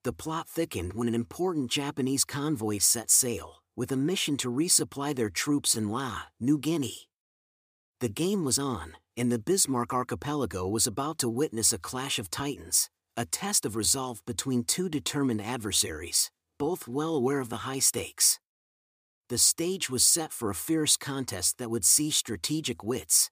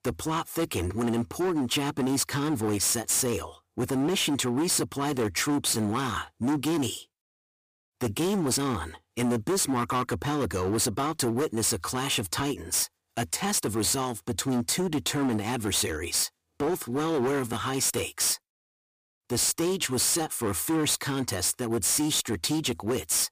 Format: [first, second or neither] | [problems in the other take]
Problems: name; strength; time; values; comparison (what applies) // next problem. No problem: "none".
first | distortion; heavy; 19% of the sound clipped